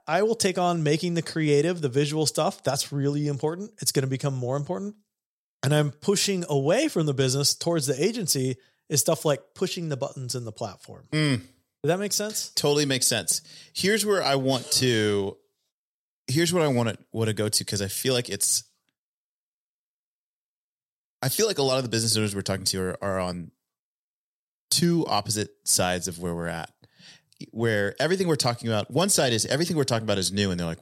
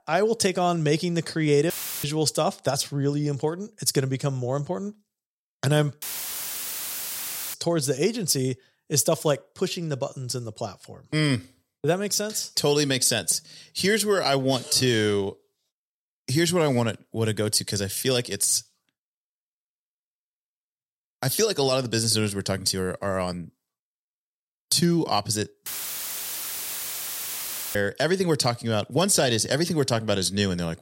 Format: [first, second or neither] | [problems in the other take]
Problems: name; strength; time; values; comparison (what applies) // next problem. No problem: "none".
first | audio cutting out; filled with static; at 1.5 s, at 6 s for 1.5 s and at 26 s for 2 s